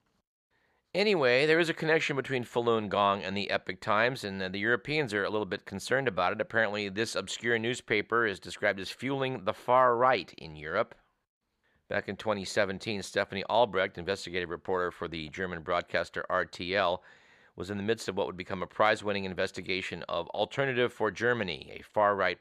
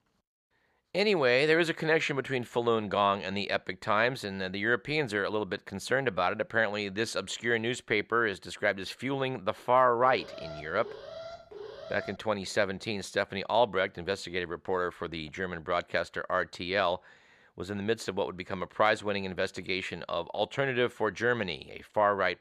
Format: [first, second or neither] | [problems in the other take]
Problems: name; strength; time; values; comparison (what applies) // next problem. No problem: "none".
first | alarm; faint; from 10 to 12 s; peak 15 dB below the speech